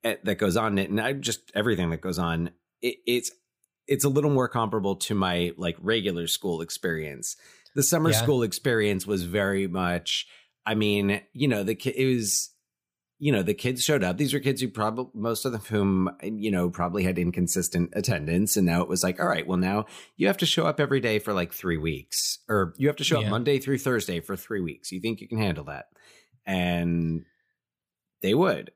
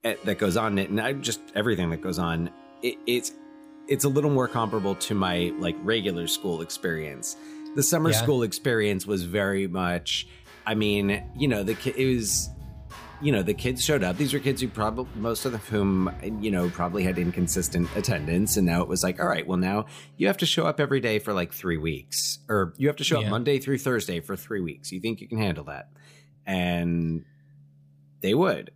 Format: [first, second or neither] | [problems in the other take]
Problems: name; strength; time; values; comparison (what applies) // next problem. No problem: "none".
first | background music; noticeable; throughout; 15 dB below the speech